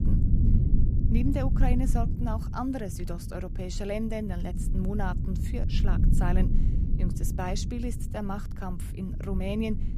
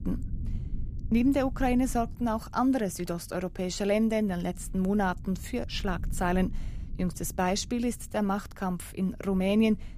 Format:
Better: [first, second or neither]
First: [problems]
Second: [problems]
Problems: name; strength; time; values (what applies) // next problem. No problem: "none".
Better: second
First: low rumble; loud; throughout; 6 dB below the speech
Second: low rumble; faint; throughout; 25 dB below the speech